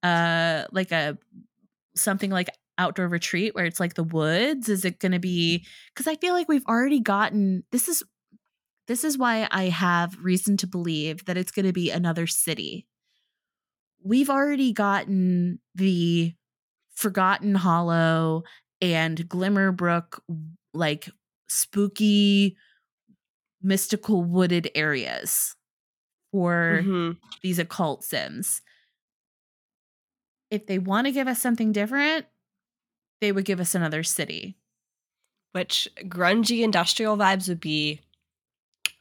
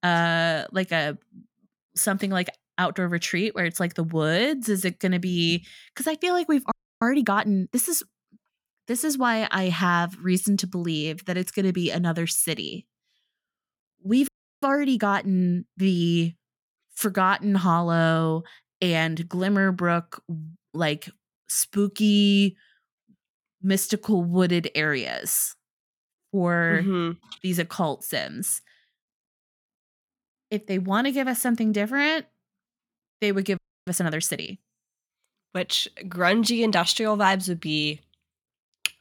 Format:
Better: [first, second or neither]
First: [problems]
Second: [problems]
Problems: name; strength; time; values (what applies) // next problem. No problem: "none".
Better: first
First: none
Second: audio freezing; at 6.5 s, at 14 s and at 34 s